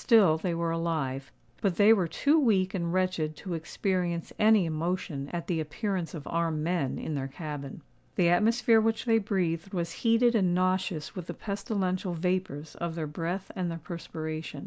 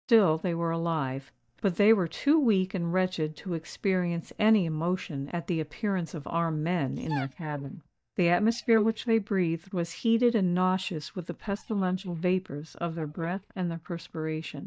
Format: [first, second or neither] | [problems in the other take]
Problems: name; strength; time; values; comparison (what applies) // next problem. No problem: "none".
first | noise reduction (neural mask model DeepFilterNet 3)